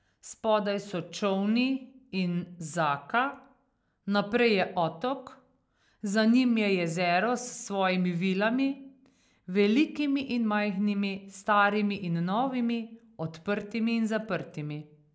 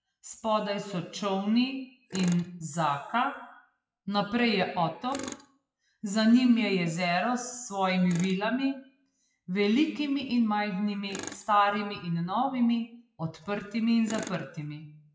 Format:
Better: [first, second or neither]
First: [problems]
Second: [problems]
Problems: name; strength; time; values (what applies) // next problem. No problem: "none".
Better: first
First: none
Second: noise reduction (classical method WPE with log-MMSE)